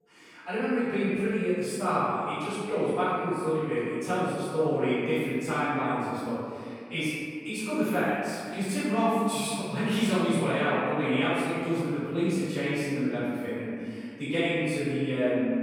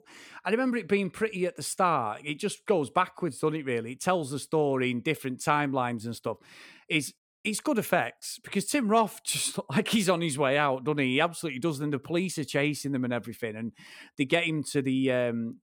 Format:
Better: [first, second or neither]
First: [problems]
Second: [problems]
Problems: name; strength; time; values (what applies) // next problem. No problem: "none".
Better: second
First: off-mic speech; far // room echo; strong; dies away in 2.2 s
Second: none